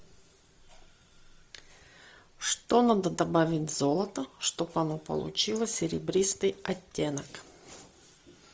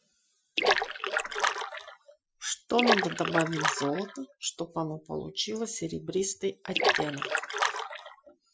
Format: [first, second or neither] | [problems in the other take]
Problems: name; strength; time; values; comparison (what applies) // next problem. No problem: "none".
first | noise reduction (classical method Wiener filter)